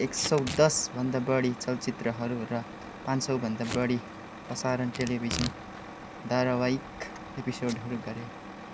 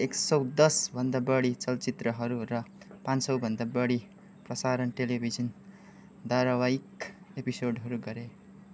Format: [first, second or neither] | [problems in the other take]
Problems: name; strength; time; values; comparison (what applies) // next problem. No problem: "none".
second | background sound (Packing tape, duct tape / Tearing + Truck); 10 dB below the speech